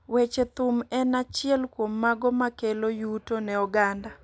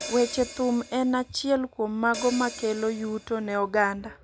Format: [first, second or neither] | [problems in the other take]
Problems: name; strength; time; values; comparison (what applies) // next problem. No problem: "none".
first | background sound (Hi-hat); 15 dB below the speech